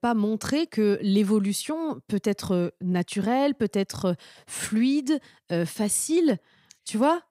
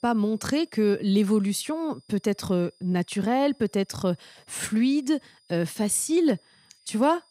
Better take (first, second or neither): first